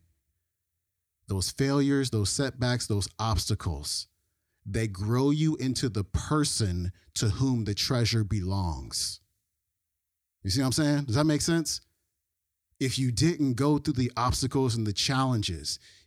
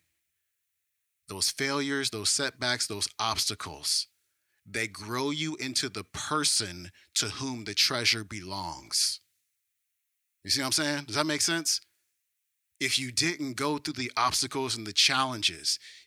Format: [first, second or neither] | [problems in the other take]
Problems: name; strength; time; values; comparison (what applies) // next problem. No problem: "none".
first | thin; somewhat; fading below 950 Hz